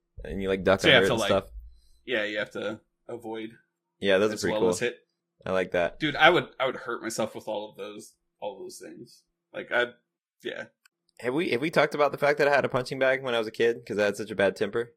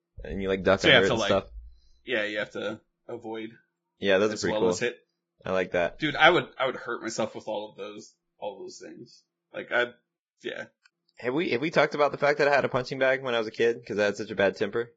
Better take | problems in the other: first | garbled, watery; badly; nothing above 7.5 kHz; slightly in the first

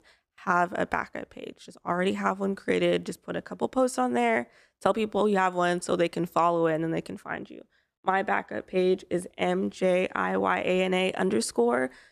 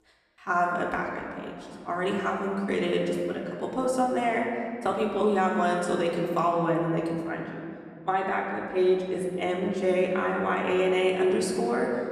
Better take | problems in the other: first | room echo; noticeable; dies away in 2.2 s // off-mic speech; far

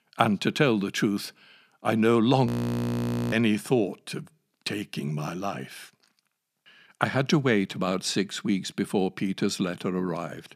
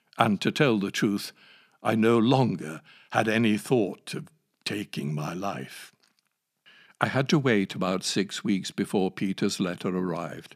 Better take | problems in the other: second | audio freezing; at 2.5 s for 1 s

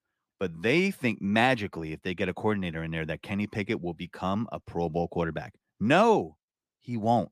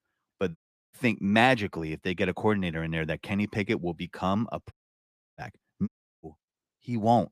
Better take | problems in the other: first | audio cutting out; at 0.5 s, at 4.5 s for 0.5 s and at 6 s

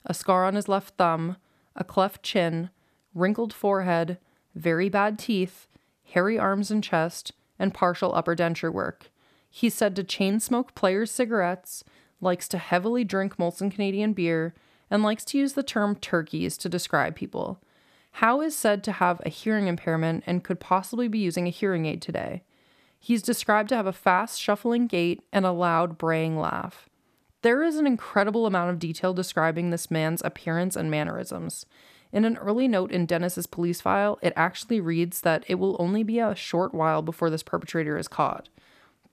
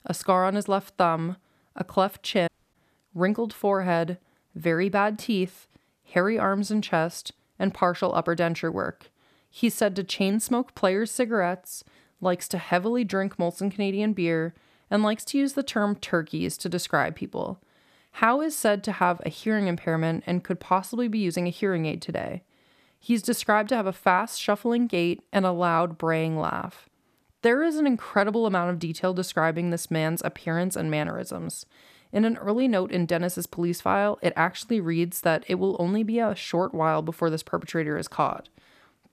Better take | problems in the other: first | audio cutting out; at 2.5 s

